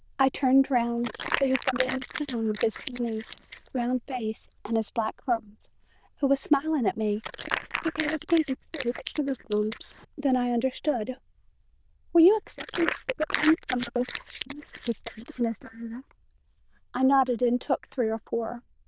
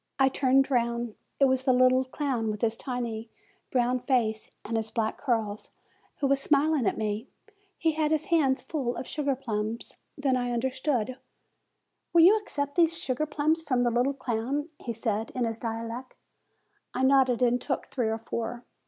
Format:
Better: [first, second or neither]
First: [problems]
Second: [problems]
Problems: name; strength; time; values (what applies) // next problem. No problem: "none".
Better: second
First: noise reduction (neural diffusion model UNIVERSE++)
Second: none